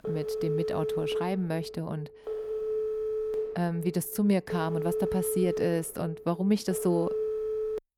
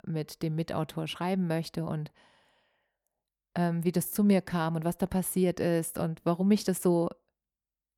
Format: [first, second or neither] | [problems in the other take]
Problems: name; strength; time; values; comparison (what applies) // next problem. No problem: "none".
second | phone ringing; noticeable; peak 1 dB below the speech